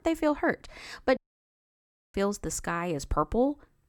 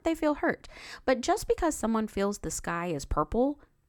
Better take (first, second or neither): second